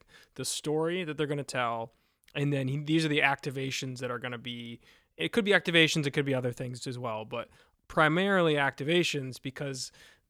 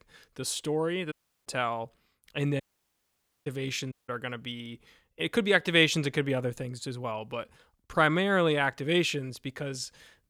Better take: first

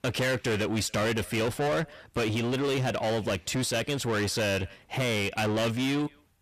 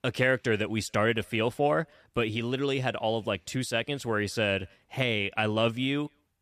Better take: second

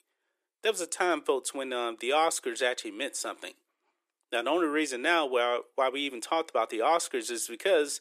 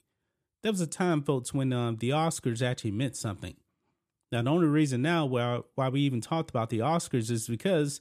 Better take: second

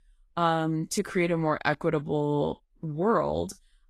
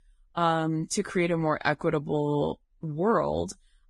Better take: first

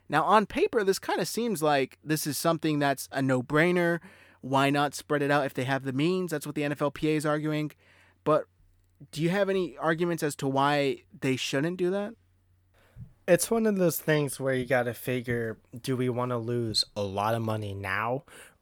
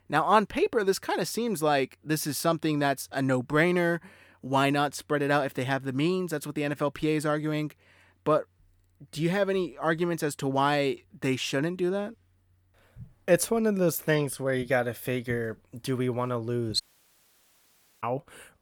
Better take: first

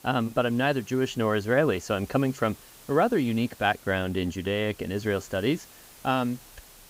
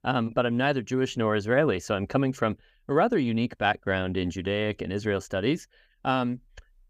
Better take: second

